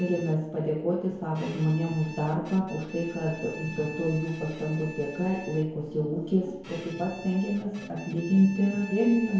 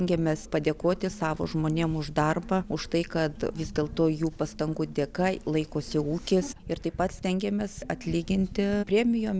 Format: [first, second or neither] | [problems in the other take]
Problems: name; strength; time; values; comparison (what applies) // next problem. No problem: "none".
second | background sound (Bowed string instrument); 18 dB below the speech // room echo; dies away in 0.9 s